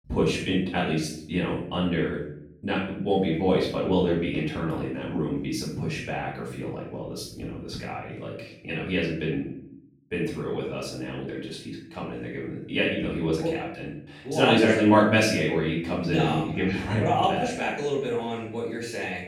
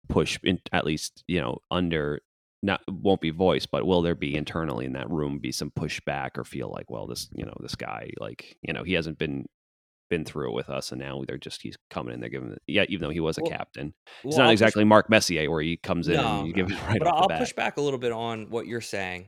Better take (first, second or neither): second